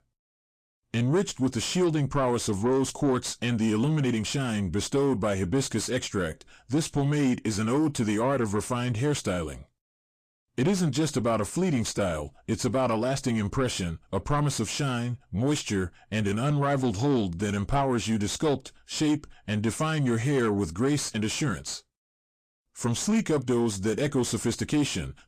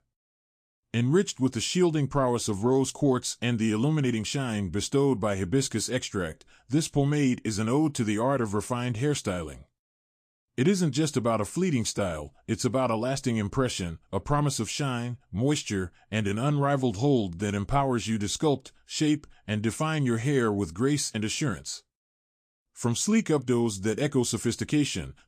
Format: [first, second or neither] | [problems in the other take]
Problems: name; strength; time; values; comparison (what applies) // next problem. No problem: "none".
second | distortion; slight; 9 dB below the speech